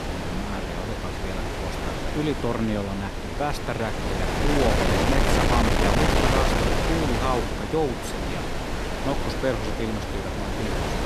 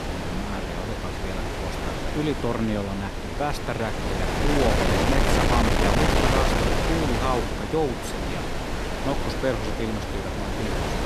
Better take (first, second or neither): neither